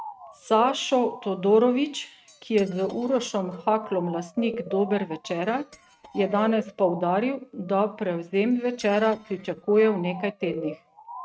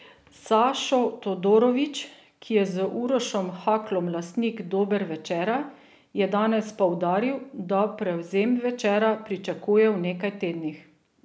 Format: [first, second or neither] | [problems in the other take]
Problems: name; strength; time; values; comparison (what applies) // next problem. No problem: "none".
second | noise reduction (neural mask model RNNoise)